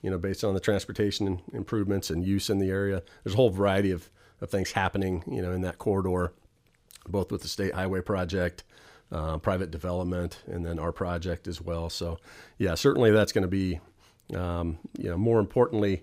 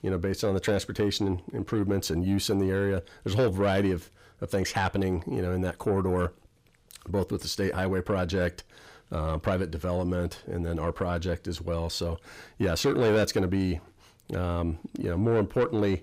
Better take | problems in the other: first | distortion; slight; 10 dB below the speech

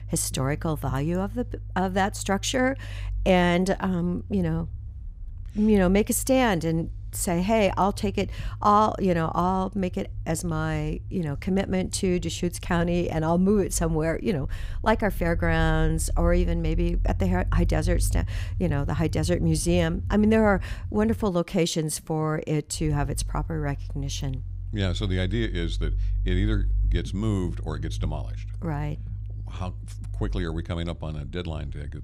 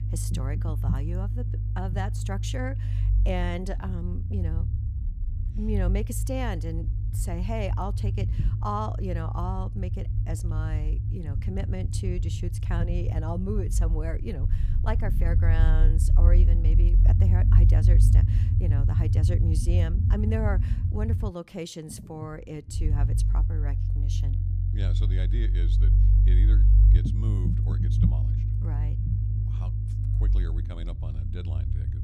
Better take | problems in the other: first | low rumble; loud; throughout; 4 dB below the speech; faint in the first

